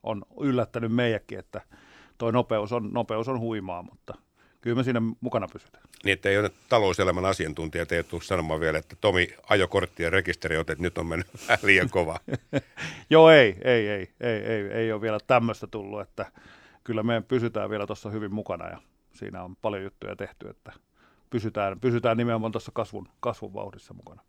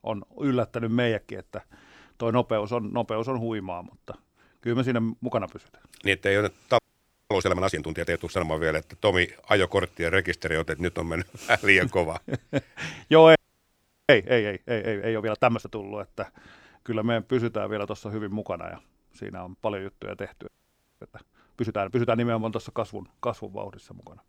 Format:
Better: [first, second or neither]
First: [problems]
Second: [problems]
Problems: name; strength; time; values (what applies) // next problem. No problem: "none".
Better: first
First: none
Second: audio freezing; at 7 s for 0.5 s, at 13 s for 0.5 s and at 20 s for 0.5 s